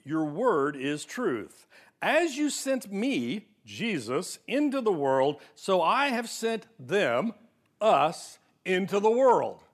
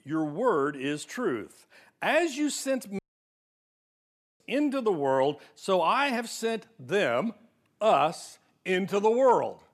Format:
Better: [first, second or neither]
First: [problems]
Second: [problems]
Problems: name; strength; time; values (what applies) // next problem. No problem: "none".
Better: first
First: none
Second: audio cutting out; at 3 s for 1.5 s